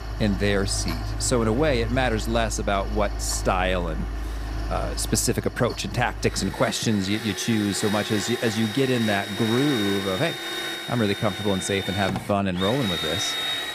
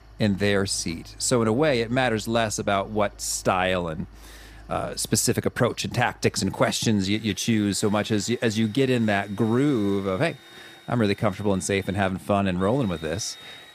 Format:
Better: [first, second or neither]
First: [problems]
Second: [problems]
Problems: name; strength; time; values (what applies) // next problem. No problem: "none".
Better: second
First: machinery noise; loud; throughout; 6 dB below the speech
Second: machinery noise; faint; throughout; 25 dB below the speech